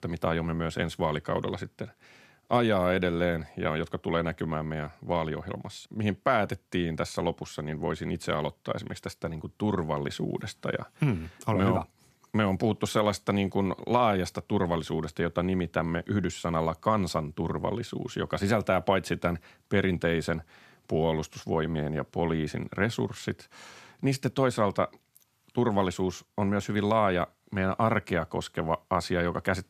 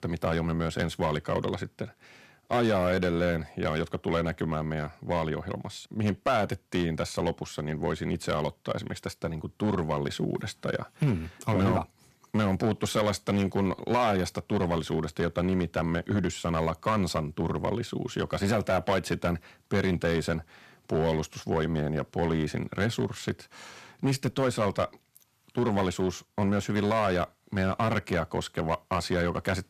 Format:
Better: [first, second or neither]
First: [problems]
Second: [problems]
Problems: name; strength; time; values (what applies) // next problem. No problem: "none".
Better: first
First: none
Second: distortion; slight; 4% of the sound clipped